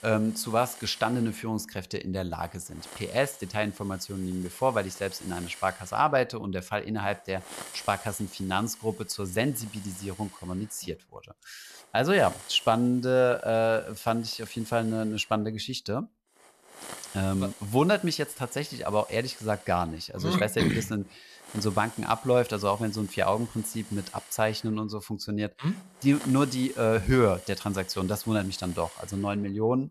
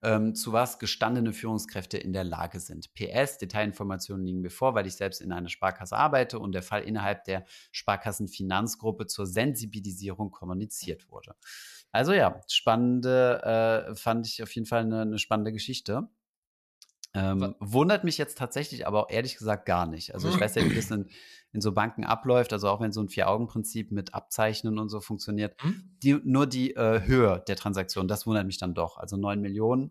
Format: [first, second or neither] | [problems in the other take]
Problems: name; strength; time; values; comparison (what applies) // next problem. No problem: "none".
second | hiss; noticeable; throughout; 15 dB below the speech